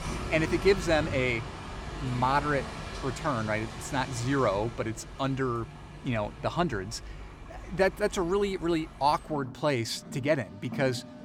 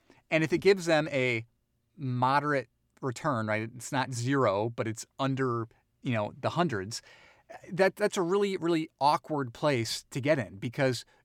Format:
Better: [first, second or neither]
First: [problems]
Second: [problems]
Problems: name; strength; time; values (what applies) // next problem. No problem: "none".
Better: second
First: traffic noise; noticeable; throughout; 10 dB below the speech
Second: none